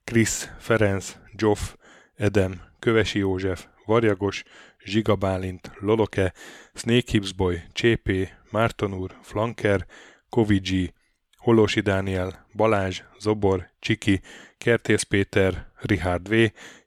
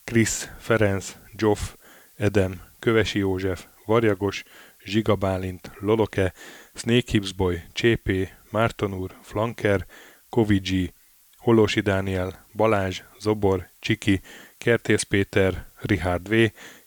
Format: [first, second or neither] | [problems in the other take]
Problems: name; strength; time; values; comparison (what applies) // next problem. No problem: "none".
first | hiss; faint; throughout; 30 dB below the speech